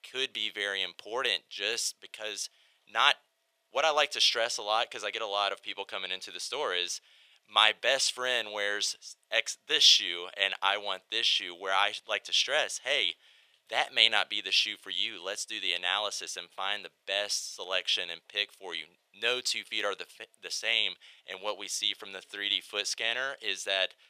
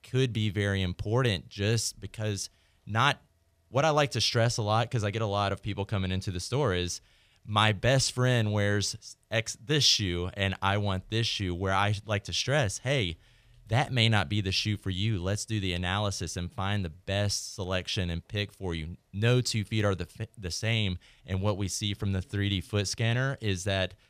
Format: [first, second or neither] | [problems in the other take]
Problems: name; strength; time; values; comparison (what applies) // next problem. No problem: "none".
second | thin; very; fading below 500 Hz